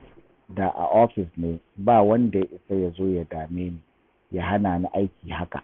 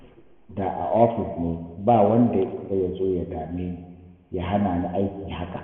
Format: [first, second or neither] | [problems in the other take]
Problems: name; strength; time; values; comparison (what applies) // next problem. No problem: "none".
first | room echo; dies away in 1.5 s